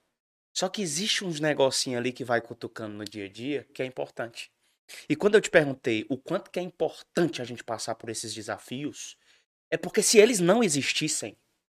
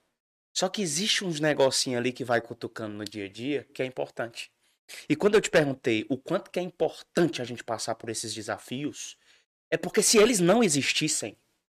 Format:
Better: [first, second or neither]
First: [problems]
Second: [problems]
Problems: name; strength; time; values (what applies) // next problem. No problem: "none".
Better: first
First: none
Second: distortion; slight; 1% of the sound clipped